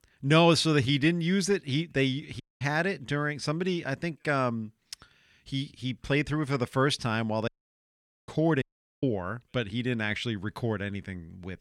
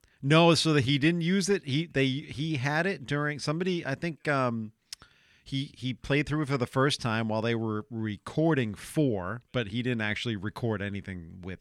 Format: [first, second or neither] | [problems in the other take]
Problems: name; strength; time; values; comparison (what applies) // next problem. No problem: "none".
second | audio cutting out; at 2.5 s, at 7.5 s for 1 s and at 8.5 s